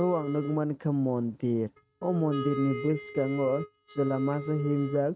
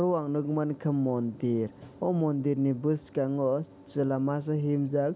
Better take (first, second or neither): second